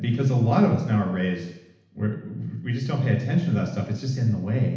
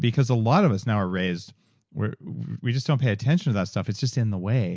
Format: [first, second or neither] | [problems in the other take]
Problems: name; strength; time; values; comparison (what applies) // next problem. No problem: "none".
second | room echo; dies away in 0.8 s